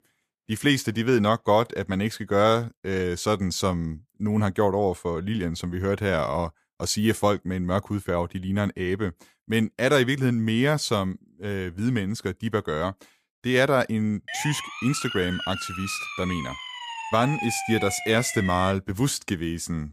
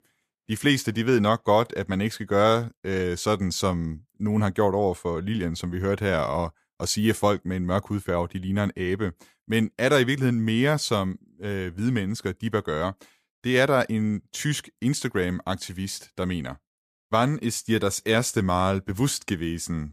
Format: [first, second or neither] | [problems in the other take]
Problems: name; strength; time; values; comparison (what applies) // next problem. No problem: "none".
second | siren; noticeable; from 14 to 19 s; peak 4 dB below the speech